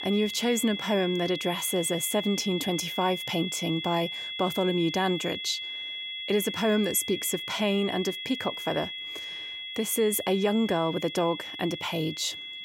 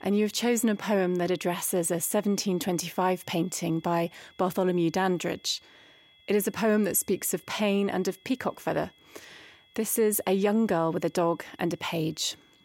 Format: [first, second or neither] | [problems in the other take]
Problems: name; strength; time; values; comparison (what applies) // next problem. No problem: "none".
second | high-pitched whine; loud; throughout; 3.5 kHz, 6 dB below the speech; faint in the second